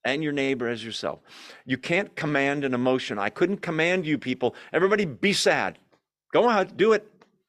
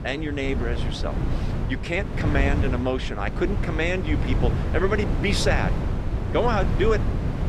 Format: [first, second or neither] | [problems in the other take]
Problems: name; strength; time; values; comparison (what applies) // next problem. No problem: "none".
first | wind noise on the microphone; heavy; 8 dB below the speech